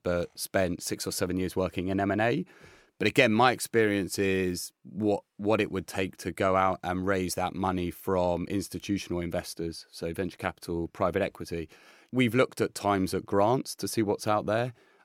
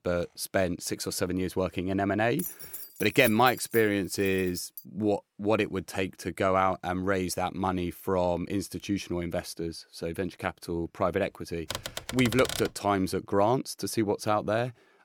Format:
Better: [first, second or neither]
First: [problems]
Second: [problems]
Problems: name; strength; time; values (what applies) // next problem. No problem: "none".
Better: first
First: none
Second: jangling keys; noticeable; from 2.5 to 5 s; peak 6 dB below the speech // keyboard typing; noticeable; at 12 s; peak 4 dB below the speech